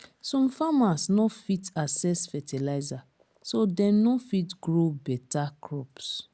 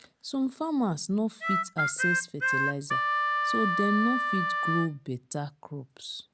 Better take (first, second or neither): first